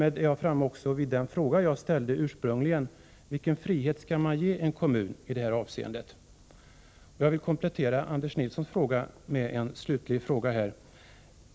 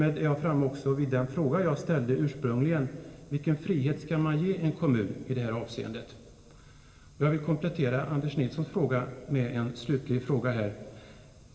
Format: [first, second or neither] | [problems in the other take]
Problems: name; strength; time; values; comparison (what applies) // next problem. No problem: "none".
first | room echo; dies away in 1.6 s